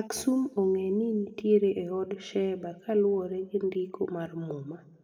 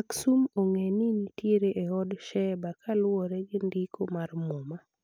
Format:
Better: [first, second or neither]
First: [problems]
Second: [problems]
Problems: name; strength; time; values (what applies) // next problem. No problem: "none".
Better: second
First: room echo; dies away in 0.8 s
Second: none